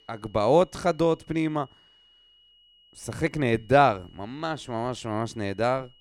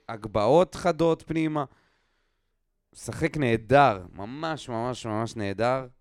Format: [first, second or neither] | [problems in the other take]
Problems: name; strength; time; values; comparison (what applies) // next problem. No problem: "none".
second | high-pitched whine; faint; throughout; 3 kHz, 30 dB below the speech